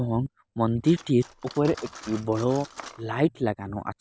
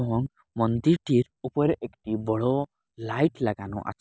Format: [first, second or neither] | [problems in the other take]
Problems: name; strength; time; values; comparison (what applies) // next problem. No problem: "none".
second | background sound (Cutlery, silverware); 20 dB below the speech